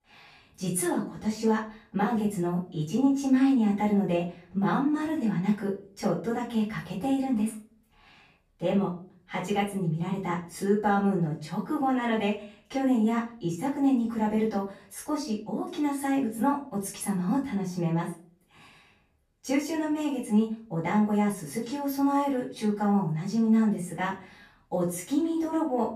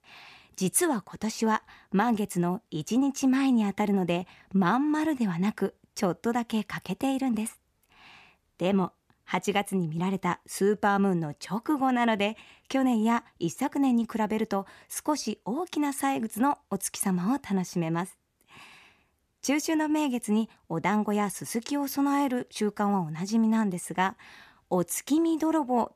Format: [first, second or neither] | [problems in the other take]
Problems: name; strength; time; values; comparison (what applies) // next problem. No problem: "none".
second | off-mic speech; far // room echo; slight; dies away in 0.4 s